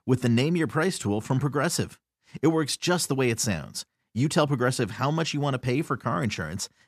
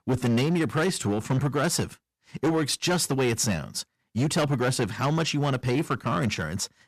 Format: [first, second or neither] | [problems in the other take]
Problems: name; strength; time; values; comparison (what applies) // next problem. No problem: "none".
first | distortion; slight; 11% of the sound clipped